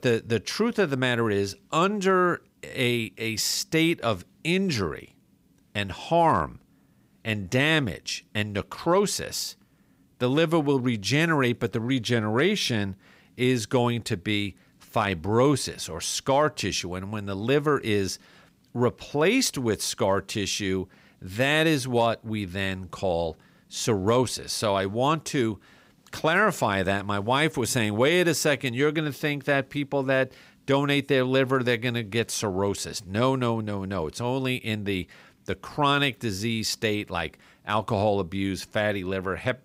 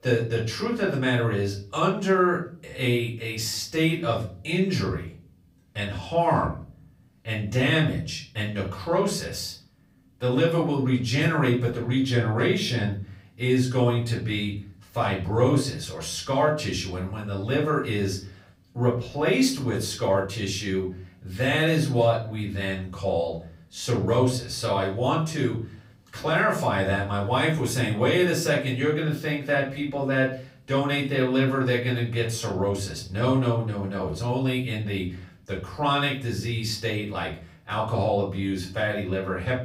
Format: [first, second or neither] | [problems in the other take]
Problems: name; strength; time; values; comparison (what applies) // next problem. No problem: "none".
first | off-mic speech; far // room echo; slight; dies away in 0.5 s